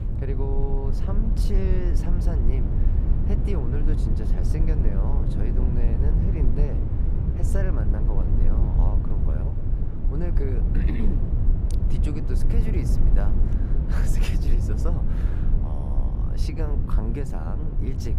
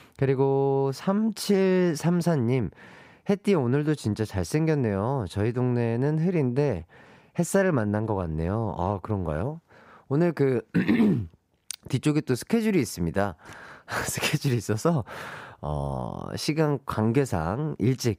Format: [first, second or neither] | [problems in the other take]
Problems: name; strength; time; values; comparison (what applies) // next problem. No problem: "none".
second | low rumble; loud; throughout; 1 dB below the speech